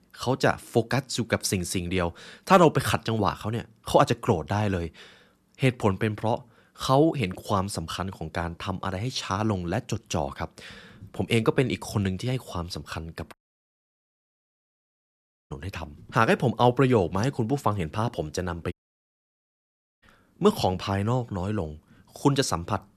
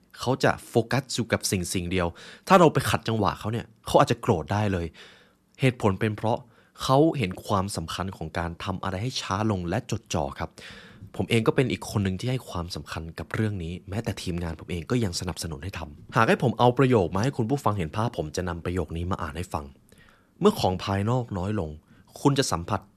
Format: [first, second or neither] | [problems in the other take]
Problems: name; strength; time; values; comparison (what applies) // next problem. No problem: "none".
second | audio cutting out; at 13 s for 2 s and at 19 s for 1.5 s